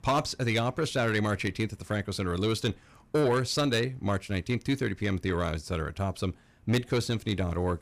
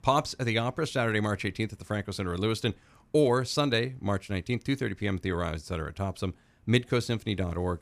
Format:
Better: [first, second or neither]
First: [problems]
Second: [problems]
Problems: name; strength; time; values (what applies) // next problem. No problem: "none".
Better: second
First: distortion; slight; 10 dB below the speech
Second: none